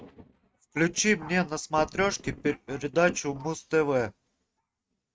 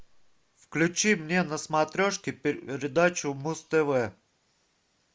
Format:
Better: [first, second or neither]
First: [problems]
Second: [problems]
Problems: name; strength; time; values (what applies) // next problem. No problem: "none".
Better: second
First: noise reduction (neural mask model RNNoise)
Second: none